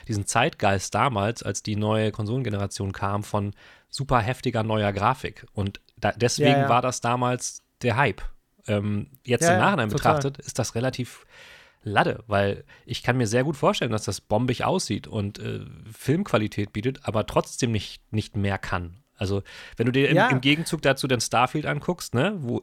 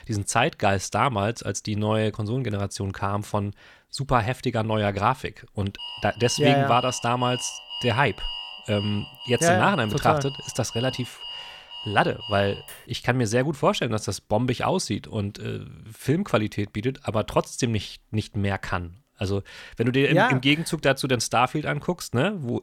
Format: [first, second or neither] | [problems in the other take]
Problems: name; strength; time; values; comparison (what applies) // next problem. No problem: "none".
first | alarm; noticeable; from 6 to 13 s; peak 7 dB below the speech